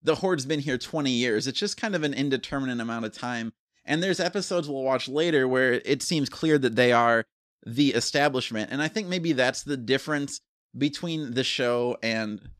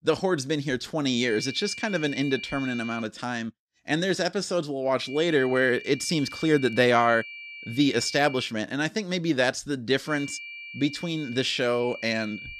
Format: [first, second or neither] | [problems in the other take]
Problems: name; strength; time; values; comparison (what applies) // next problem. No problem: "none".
first | high-pitched whine; noticeable; from 1 to 3 s, from 5 to 8.5 s and from 10 s on; 2.5 kHz, 10 dB below the speech